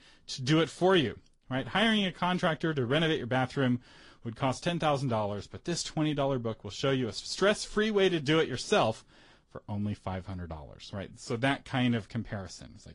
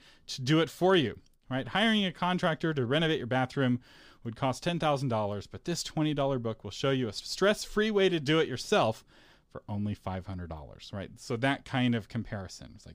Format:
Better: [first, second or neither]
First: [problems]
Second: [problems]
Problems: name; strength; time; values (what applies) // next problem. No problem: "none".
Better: second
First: garbled, watery; slightly; nothing above 10.5 kHz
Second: none